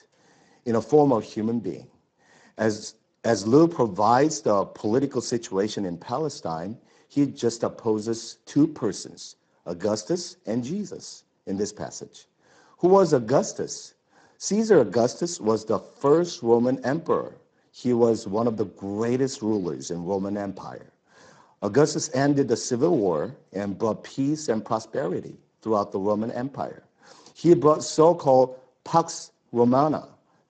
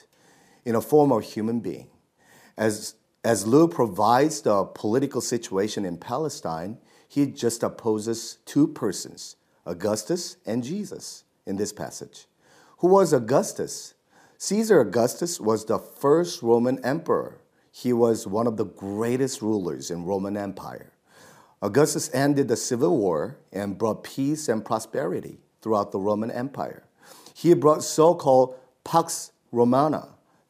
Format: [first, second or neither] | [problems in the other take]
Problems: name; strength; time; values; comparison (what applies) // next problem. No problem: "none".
second | garbled, watery; badly; nothing above 7.5 kHz